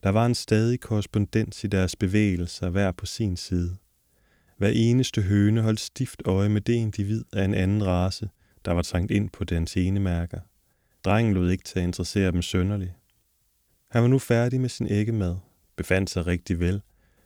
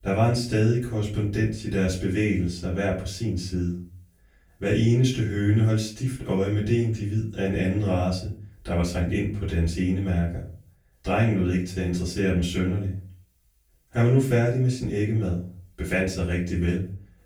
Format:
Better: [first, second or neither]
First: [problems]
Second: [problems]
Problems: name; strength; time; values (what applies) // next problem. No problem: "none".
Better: first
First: none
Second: room echo; slight; dies away in 0.3 s // off-mic speech; far